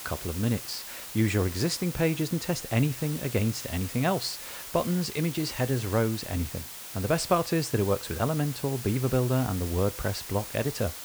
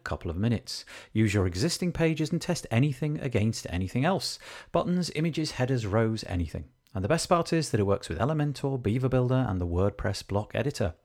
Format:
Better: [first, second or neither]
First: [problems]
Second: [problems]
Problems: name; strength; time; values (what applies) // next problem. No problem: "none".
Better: second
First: hiss; loud; throughout; 9 dB below the speech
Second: none